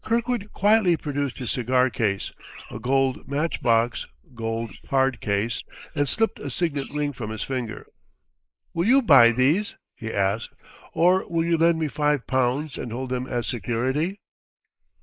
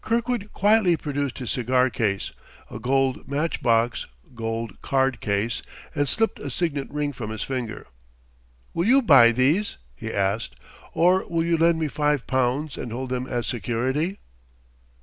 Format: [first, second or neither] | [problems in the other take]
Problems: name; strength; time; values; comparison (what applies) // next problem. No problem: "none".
second | noise reduction (neural mask model Resemble Enhance denoiser)